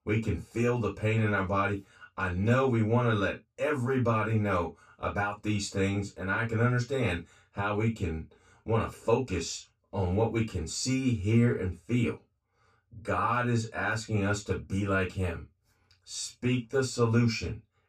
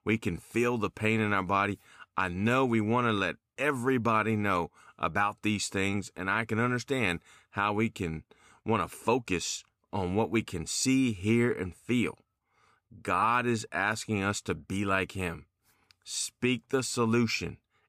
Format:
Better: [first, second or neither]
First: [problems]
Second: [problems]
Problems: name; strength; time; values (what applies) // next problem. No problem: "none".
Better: second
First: room echo; very slight; dies away in 0.2 s // off-mic speech; far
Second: none